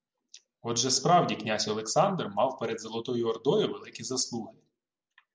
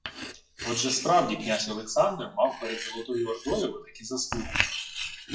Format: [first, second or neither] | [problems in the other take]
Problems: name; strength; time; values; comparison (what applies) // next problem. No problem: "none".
first | noise reduction (classical method WPE with log-MMSE)